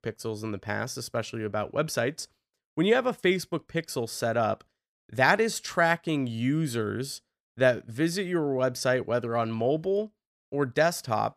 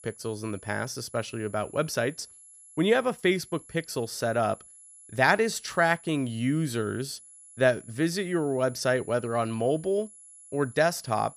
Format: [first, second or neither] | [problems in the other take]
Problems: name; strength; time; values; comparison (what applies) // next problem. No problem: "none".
first | high-pitched whine; faint; throughout; 11 kHz, 20 dB below the speech